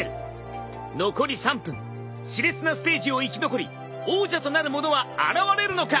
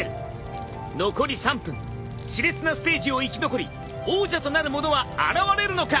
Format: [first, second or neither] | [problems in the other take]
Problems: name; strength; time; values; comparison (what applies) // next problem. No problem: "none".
first | background sound (Fire); 13 dB below the speech